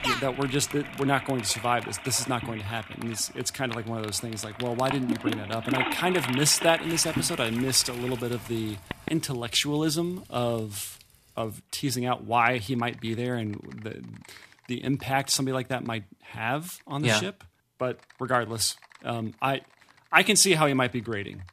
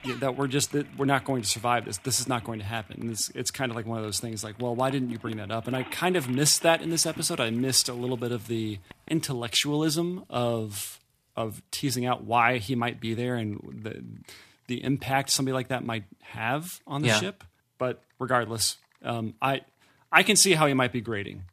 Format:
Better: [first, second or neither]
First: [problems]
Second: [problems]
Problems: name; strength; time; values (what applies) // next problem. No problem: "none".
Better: second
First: household noises; loud; throughout; 8 dB below the speech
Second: household noises; faint; throughout; 20 dB below the speech